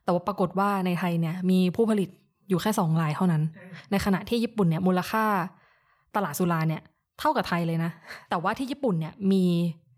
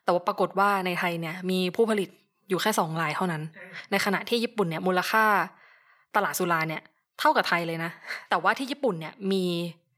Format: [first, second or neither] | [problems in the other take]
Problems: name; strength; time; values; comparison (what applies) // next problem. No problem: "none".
first | thin; somewhat; fading below 300 Hz